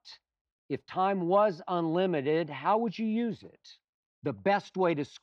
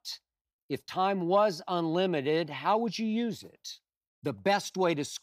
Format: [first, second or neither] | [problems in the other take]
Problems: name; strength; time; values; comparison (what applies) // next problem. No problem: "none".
second | muffled; slightly; fading above 2.5 kHz